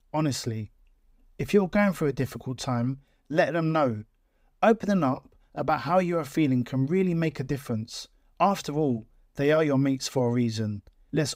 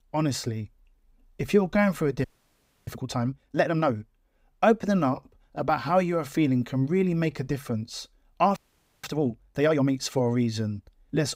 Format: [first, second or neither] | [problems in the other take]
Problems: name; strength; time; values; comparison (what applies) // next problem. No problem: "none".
first | audio freezing; at 2 s for 0.5 s and at 8.5 s